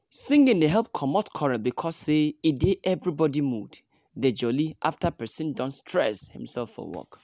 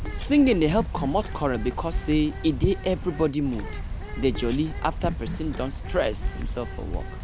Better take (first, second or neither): first